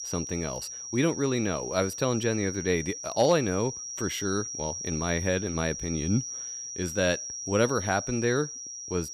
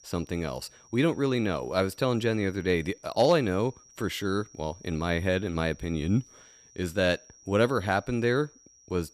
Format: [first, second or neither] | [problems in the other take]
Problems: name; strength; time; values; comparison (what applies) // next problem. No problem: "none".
second | high-pitched whine; loud; throughout; 5.5 kHz, 6 dB below the speech; faint in the second